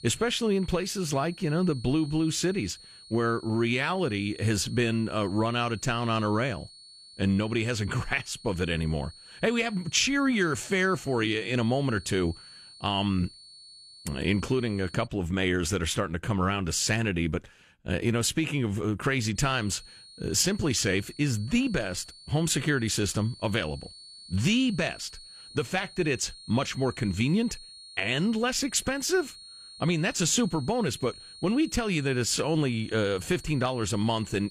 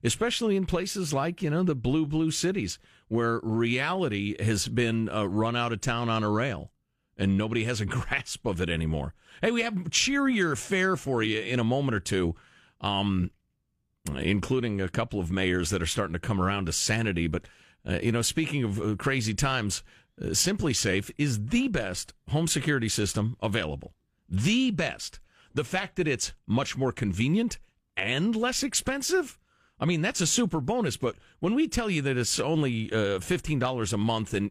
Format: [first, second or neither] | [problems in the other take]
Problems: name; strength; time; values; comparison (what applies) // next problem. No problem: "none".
second | high-pitched whine; noticeable; until 15 s and from 19 s on; 4.5 kHz, 20 dB below the speech